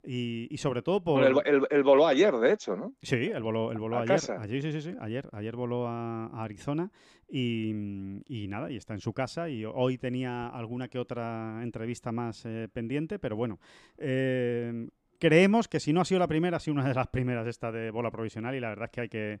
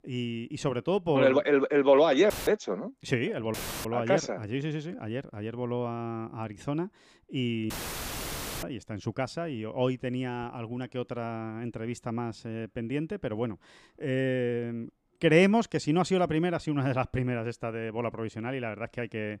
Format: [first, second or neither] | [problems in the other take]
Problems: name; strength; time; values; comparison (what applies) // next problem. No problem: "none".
first | audio cutting out; filled with static; at 2.5 s, at 3.5 s and at 7.5 s for 1 s